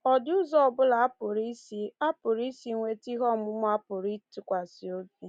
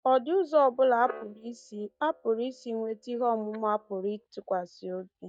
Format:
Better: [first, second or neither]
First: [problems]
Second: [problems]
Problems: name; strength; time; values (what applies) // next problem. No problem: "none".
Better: first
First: none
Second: noise reduction (neural mask model DeepFilterNet 3)